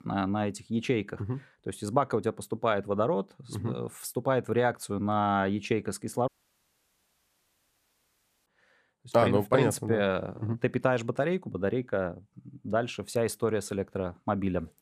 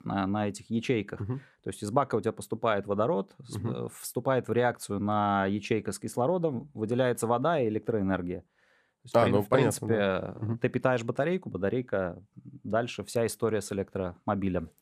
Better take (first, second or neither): second